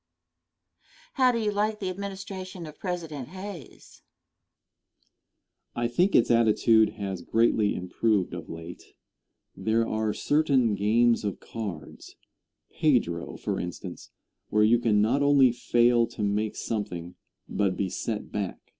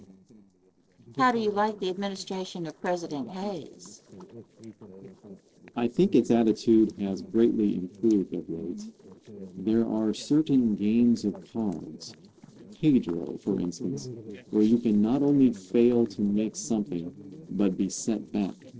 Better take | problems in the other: first | noise reduction (neural separator model SepFormer DNS4)

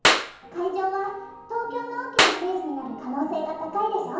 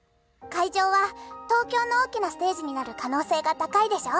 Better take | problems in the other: second | background sound (Clapping); 1 dB above the speech // room echo; dies away in 1 s

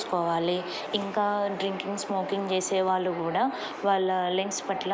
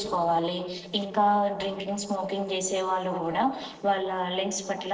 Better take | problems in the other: first | noise reduction (neural separator model SepFormer DNS4)

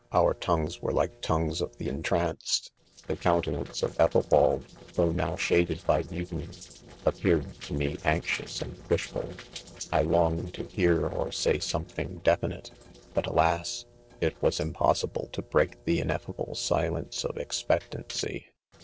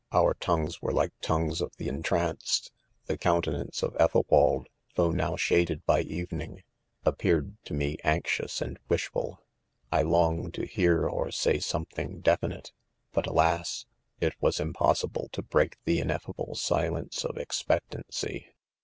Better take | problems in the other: second | noise reduction (neural separator model SepFormer DNS4)

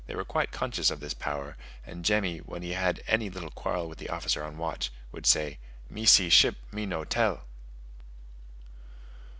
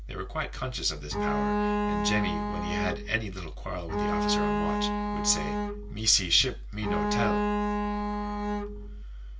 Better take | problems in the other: first | background sound (Bowed string instrument); 3 dB above the speech // room echo; dies away in 0.2 s

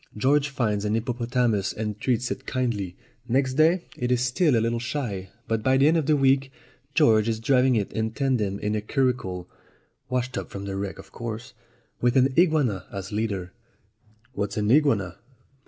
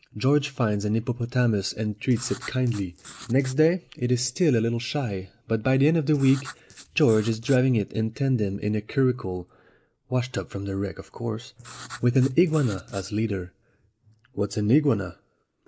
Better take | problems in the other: first | noise reduction (neural mask model Resemble Enhance denoiser)

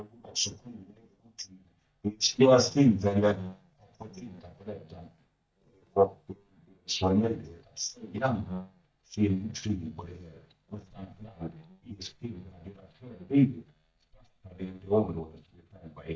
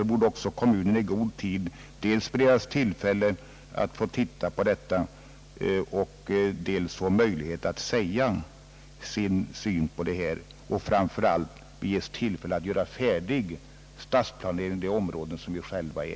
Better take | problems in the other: second | noise reduction (neural mask model DeepFilterNet 3)

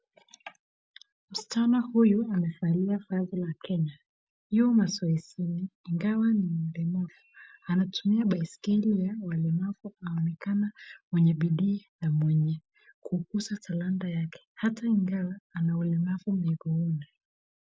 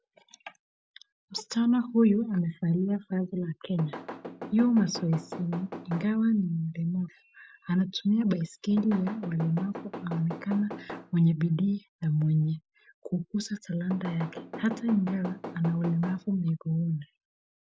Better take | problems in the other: first | background sound (Knock / Wood); 12 dB below the speech

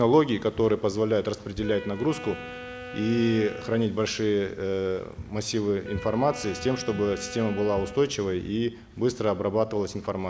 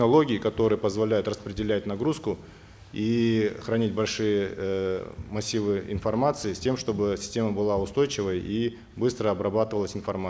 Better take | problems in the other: second | background sound (Wind instrument, woodwind instrument); 15 dB below the speech

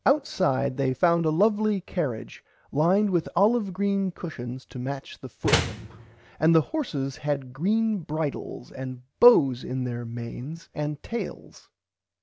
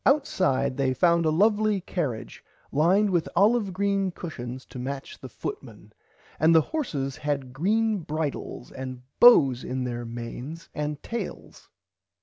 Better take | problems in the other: second | background sound (Slam); 3 dB below the speech

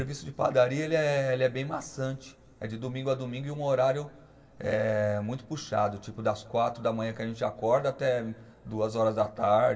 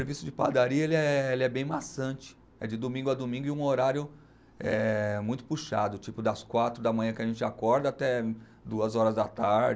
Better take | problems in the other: second | room echo; dies away in 3 s

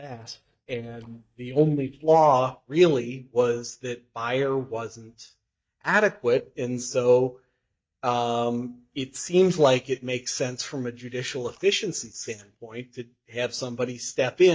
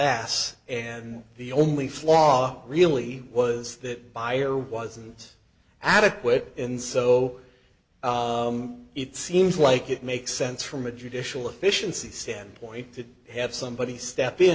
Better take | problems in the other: second | noise reduction (neural mask model DeepFilterNet 3)

